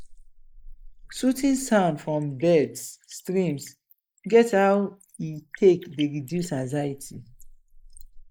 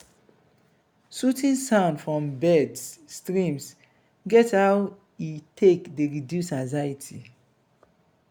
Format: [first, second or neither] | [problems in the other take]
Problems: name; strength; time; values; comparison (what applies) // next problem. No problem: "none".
second | noise reduction (neural mask model Resemble Enhance denoiser)